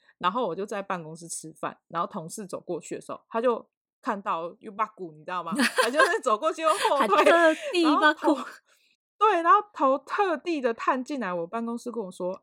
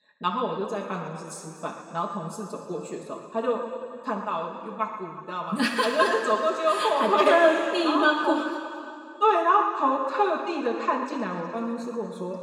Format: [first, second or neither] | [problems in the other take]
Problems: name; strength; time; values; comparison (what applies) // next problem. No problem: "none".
first | room echo; noticeable; dies away in 2.5 s // off-mic speech; far